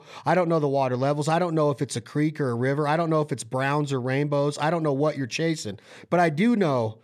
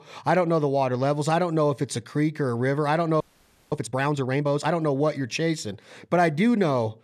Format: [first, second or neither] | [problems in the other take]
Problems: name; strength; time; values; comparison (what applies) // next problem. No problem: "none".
first | audio freezing; at 3 s for 0.5 s